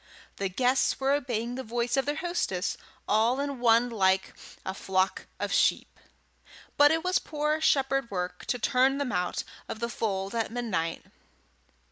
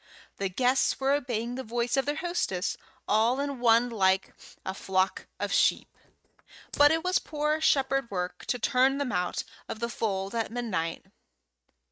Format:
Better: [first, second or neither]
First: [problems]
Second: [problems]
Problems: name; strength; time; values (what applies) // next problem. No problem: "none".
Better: first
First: none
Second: noise reduction (neural mask model RNNoise)